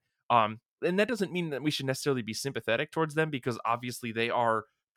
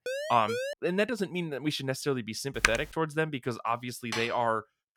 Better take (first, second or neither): first